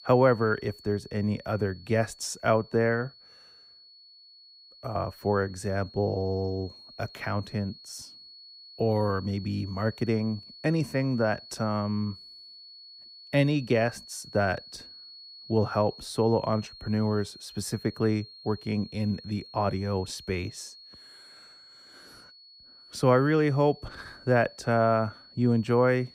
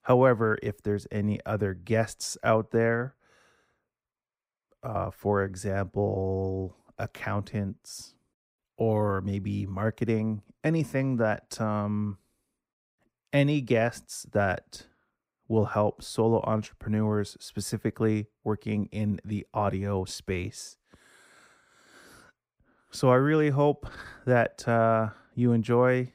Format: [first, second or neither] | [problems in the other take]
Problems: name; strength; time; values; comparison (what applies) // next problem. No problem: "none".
second | high-pitched whine; noticeable; throughout; 4.5 kHz, 20 dB below the speech